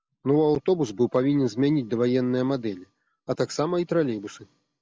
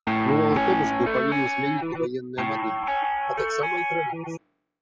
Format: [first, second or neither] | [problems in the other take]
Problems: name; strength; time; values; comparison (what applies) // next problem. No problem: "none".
first | noise reduction (classical method spectral subtraction)